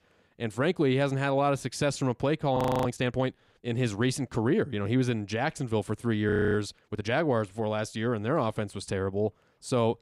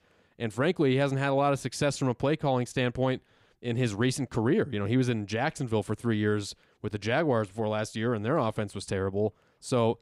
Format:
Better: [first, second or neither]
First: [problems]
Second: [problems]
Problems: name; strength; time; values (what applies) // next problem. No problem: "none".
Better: second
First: audio freezing; at 2.5 s and at 6.5 s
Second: none